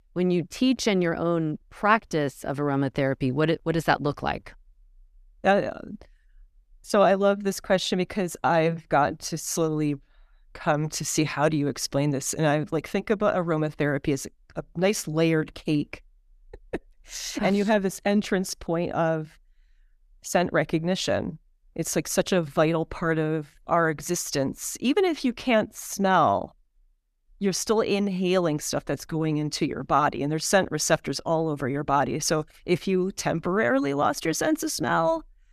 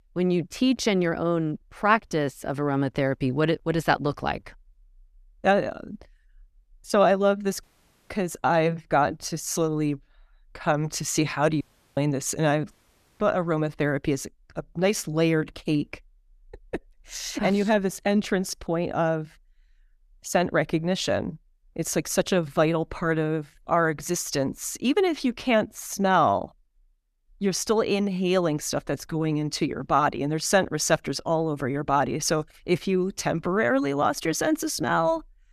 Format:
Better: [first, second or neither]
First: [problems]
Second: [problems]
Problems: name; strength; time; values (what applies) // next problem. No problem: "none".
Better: first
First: none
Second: audio cutting out; at 7.5 s, at 12 s and at 13 s